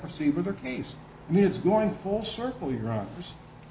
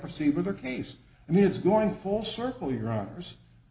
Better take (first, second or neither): second